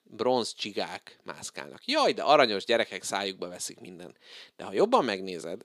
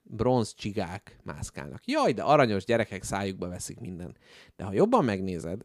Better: second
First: thin; somewhat; fading below 350 Hz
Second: none

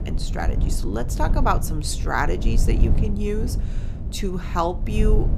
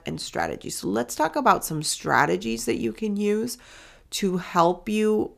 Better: second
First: low rumble; noticeable; throughout; 10 dB below the speech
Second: none

